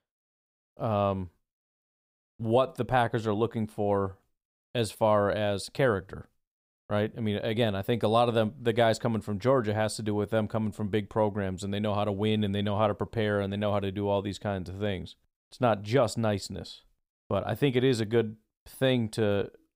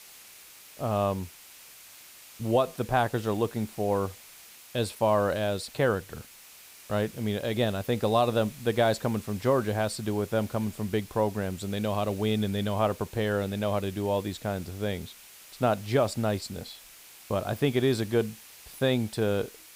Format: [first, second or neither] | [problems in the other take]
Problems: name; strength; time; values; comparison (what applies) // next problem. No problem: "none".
first | hiss; noticeable; throughout; 20 dB below the speech